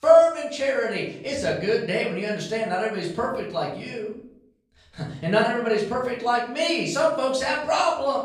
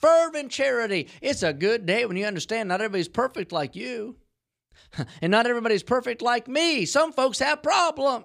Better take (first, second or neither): second